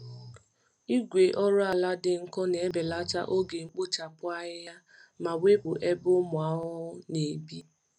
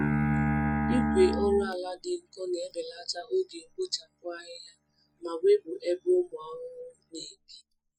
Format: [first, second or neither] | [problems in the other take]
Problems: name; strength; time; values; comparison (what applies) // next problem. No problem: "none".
first | noise reduction (classical method Wiener filter)